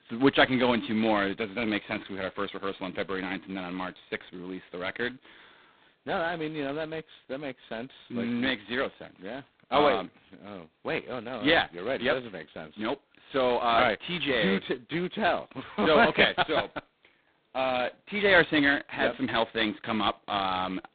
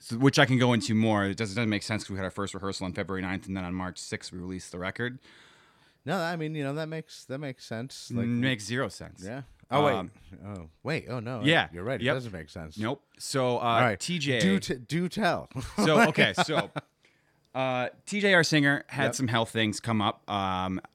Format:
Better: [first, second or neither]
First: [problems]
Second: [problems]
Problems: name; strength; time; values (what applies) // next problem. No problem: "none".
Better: second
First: phone-call audio; poor line; nothing above 4 kHz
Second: none